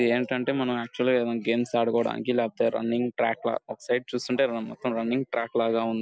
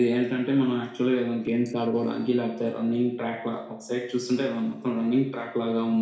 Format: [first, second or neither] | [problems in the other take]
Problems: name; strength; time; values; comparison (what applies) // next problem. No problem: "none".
first | noise reduction (neural separator model SepFormer DNS4)